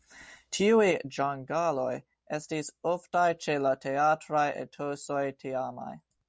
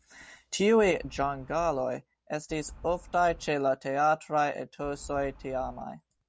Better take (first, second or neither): first